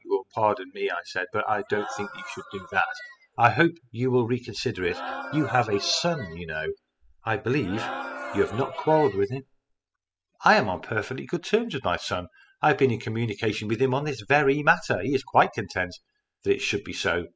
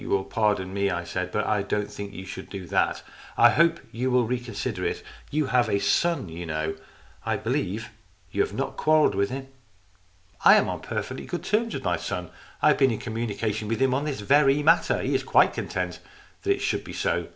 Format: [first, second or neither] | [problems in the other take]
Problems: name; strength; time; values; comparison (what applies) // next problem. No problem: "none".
second | noise reduction (classical method spectral subtraction)